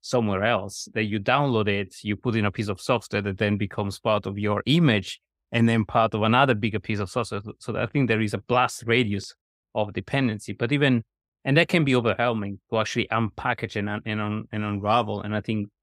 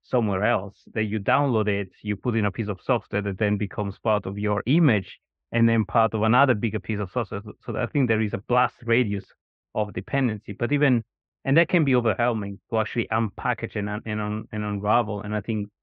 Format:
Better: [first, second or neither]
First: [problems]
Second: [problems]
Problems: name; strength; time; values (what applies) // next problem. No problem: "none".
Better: first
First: none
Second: muffled; very; fading above 2.5 kHz